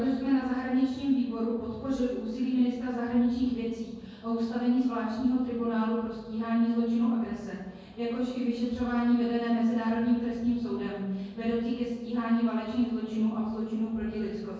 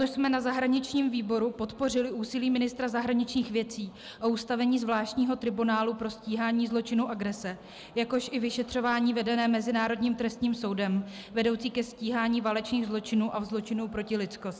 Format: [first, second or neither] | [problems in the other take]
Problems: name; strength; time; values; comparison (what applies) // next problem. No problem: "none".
second | room echo; dies away in 1.3 s